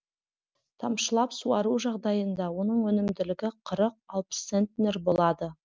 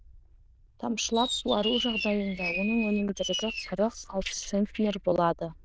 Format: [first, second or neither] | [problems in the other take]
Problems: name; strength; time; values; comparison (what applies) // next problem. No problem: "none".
first | noise reduction (neural diffusion model UNIVERSE++)